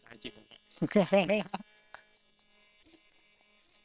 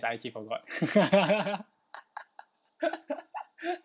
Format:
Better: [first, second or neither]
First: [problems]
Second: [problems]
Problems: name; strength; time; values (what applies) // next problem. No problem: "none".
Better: second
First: noise reduction (neural separator model SepFormer WHAM!)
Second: none